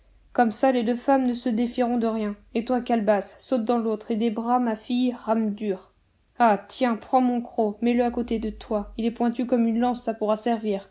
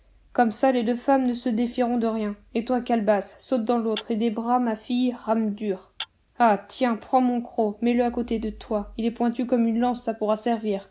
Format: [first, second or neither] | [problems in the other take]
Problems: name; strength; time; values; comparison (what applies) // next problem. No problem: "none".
first | background sound (Tap / Glass); 18 dB below the speech